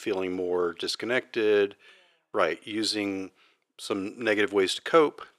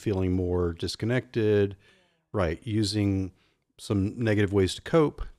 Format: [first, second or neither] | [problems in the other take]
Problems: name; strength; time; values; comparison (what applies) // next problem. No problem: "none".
second | thin; somewhat; fading below 450 Hz